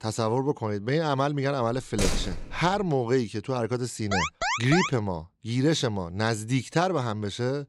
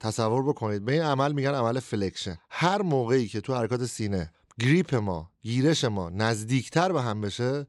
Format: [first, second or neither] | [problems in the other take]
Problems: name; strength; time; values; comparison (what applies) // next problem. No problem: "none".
second | door banging; noticeable; at 2 s; peak 2 dB below the speech // alarm; loud; at 4 s; peak 1 dB above the speech